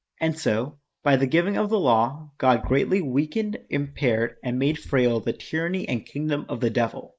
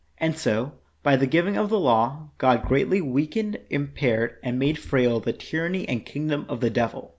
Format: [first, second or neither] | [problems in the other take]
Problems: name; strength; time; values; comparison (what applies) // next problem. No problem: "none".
second | noise reduction (neural mask model Resemble Enhance denoiser)